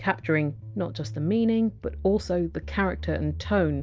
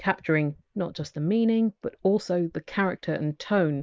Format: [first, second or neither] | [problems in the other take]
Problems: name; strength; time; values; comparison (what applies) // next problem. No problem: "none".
first | noise reduction (neural mask model Resemble Enhance denoiser)